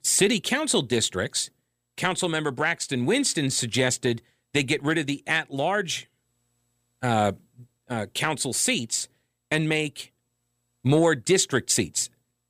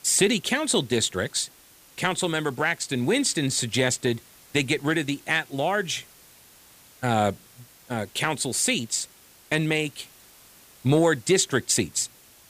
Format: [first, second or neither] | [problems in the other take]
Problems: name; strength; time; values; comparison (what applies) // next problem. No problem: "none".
first | hiss; faint; throughout; 25 dB below the speech